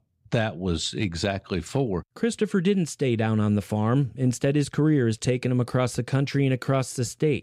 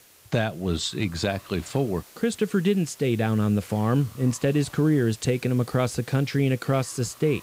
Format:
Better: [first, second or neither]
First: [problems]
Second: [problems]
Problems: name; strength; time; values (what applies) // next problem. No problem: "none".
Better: first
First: none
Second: hiss; faint; throughout; 20 dB below the speech